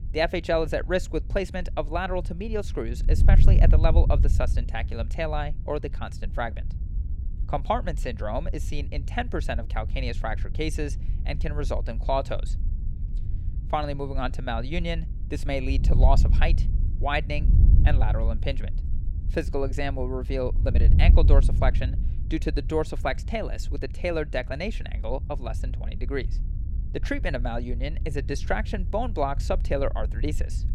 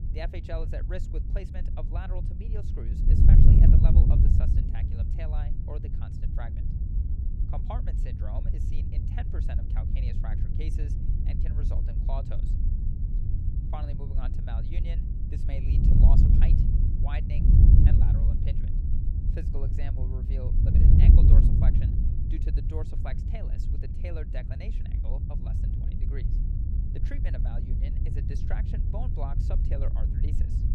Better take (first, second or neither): first